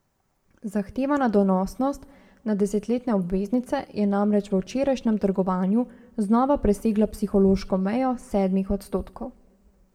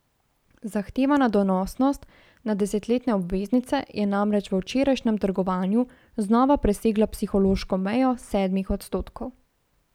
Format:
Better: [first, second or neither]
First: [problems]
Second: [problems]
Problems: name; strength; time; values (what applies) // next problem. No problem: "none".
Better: second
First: room echo; dies away in 0.9 s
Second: none